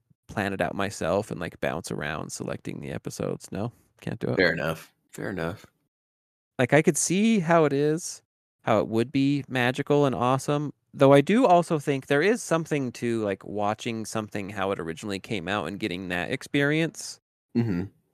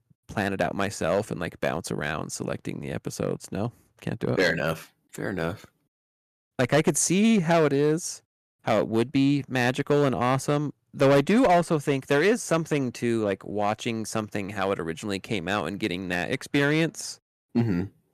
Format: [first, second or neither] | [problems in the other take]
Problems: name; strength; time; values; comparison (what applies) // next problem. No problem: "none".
first | distortion; slight; 3% of the sound clipped